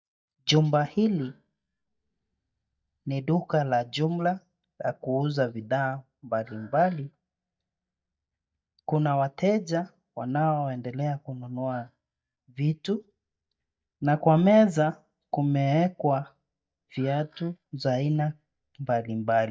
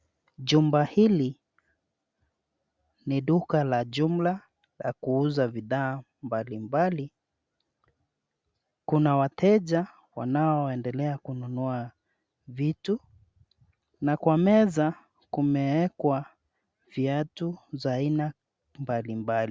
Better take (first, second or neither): second